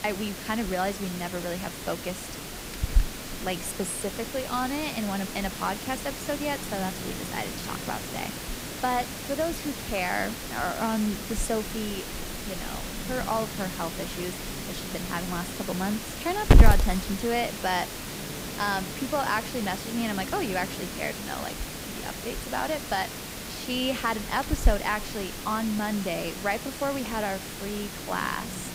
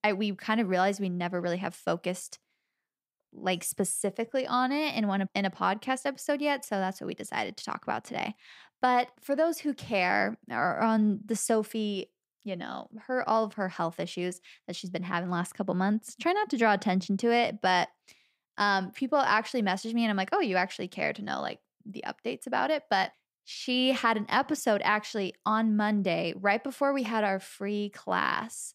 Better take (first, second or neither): second